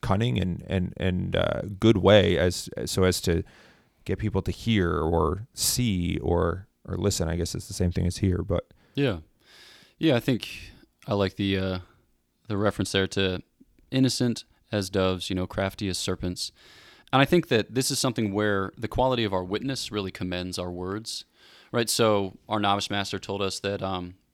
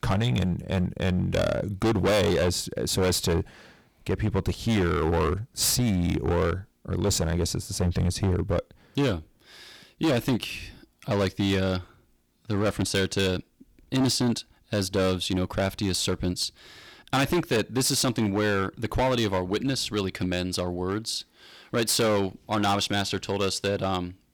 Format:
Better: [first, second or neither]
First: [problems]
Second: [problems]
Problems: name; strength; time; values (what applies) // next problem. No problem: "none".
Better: first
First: none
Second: distortion; heavy; 11% of the sound clipped